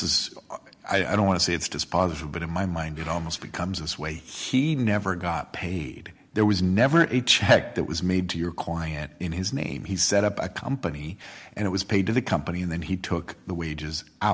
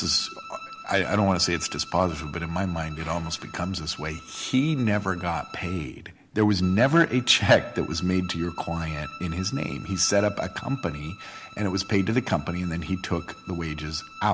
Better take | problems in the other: first | background sound (Bowed string instrument); 18 dB below the speech

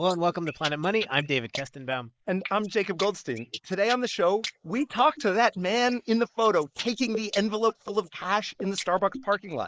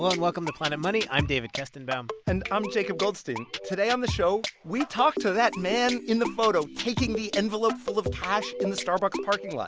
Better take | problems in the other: second | noise reduction (neural mask model Resemble Enhance denoiser)

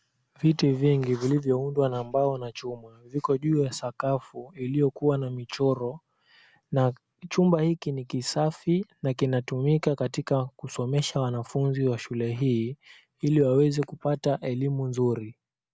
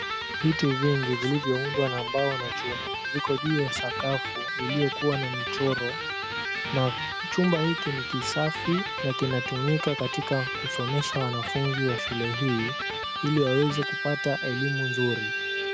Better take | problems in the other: first | background sound (Electric guitar); 3 dB below the speech

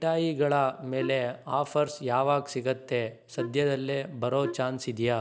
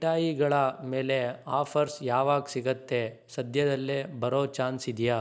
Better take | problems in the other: second | background sound (Wind instrument, woodwind instrument); 12 dB below the speech

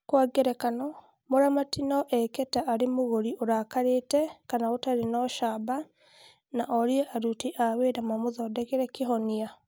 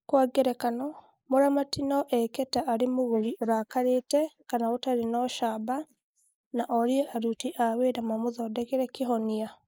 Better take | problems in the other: first | noise reduction (neural mask model Resemble Enhance denoiser)

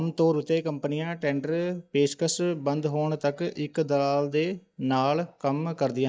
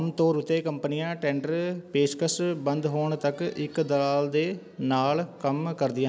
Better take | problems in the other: second | noise reduction (neural mask model DeepFilterNet 3)

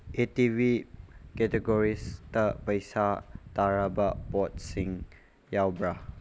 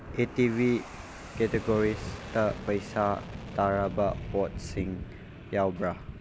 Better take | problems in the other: first | background sound (Fixed-wing aircraft, airplane); 13 dB below the speech

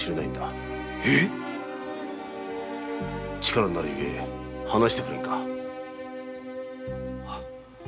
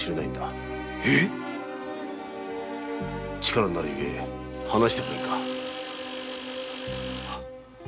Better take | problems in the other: first | background sound (Tools); 11 dB below the speech

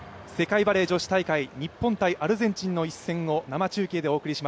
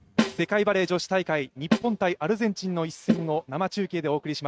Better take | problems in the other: first | noise reduction (neural mask model RNNoise)

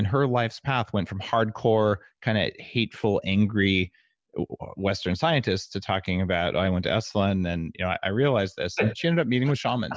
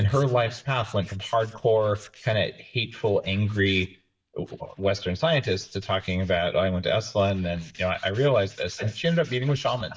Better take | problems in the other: first | noise reduction (neural mask model DeepFilterNet 3)

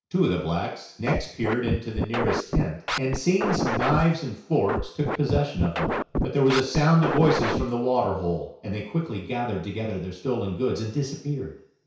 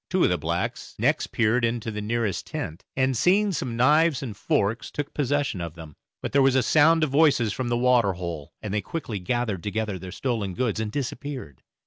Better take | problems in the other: second | background sound (Scratching (performance technique)); 2 dB below the speech // room echo; dies away in 0.6 s

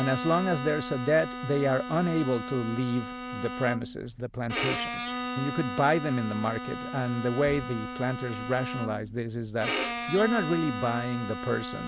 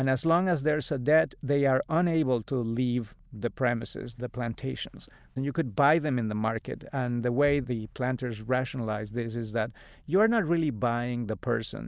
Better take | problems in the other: second | background sound (Bowed string instrument); 6 dB below the speech

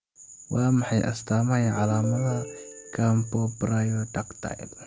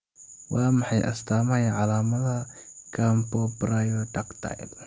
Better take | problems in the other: second | background sound (Ringtone); 14 dB below the speech

